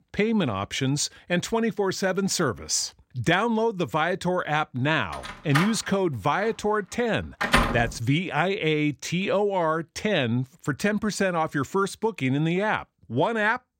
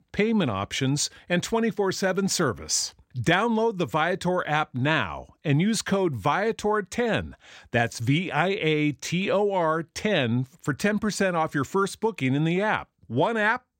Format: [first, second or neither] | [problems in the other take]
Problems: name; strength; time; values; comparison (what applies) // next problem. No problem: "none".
second | door banging; loud; from 5.5 to 8 s; peak 3 dB above the speech